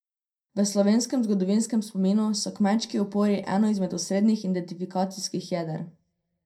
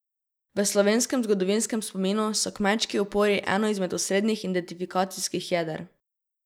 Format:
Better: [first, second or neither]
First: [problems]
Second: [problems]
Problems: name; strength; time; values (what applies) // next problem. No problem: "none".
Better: second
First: room echo; dies away in 0.2 s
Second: none